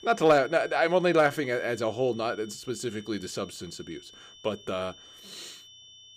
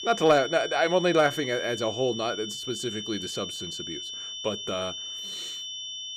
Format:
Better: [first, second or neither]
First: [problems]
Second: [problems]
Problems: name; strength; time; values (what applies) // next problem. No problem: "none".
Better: first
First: high-pitched whine; faint; throughout; 3 kHz, 20 dB below the speech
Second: high-pitched whine; loud; throughout; 3 kHz, 7 dB below the speech